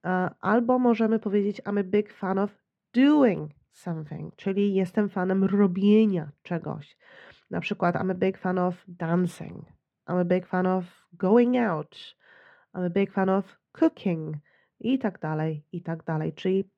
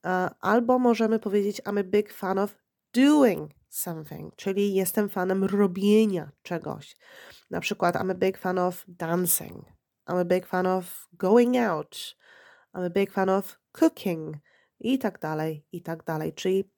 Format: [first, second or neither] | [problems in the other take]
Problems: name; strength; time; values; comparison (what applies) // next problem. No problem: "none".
second | muffled; slightly; fading above 2.5 kHz